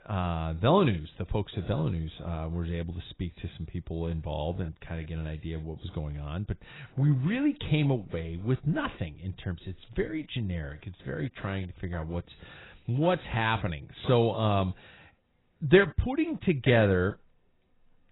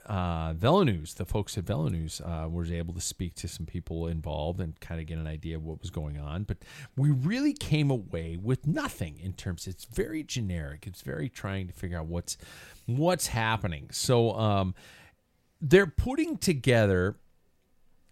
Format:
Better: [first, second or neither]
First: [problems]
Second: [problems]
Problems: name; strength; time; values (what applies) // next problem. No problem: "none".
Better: second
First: garbled, watery; badly; nothing above 4 kHz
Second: none